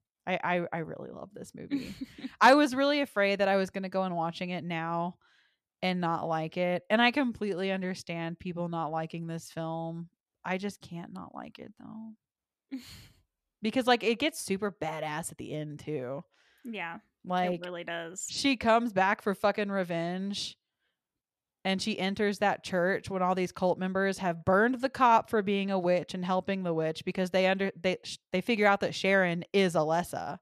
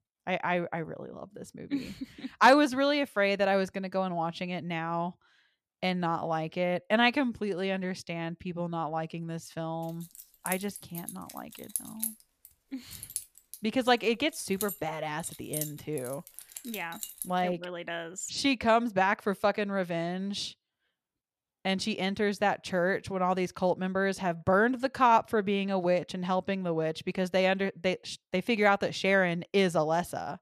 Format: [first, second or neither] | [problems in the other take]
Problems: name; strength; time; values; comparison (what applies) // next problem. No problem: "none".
first | jangling keys; noticeable; from 10 to 17 s; peak 4 dB below the speech